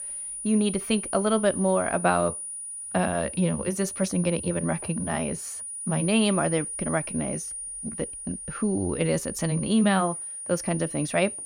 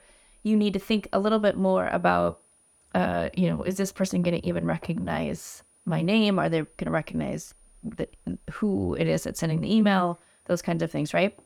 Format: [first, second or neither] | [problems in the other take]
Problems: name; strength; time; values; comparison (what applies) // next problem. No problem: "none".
second | high-pitched whine; loud; throughout; 9.5 kHz, 7 dB below the speech; faint in the second